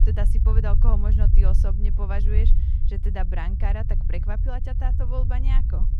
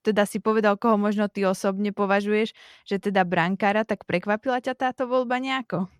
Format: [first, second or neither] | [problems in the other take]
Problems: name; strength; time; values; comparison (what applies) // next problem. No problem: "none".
second | low rumble; loud; throughout; 6 dB below the speech